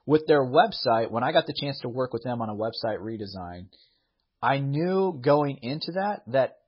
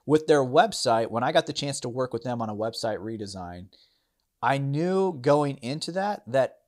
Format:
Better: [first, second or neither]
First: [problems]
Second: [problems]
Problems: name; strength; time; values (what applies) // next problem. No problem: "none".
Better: second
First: garbled, watery; badly; nothing above 5 kHz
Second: none